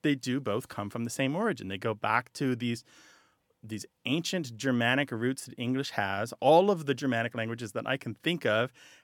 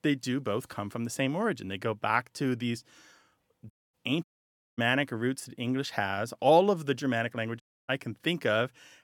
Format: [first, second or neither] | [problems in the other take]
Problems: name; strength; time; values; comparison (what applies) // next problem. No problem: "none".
first | audio cutting out; at 3.5 s, at 4 s for 0.5 s and at 7.5 s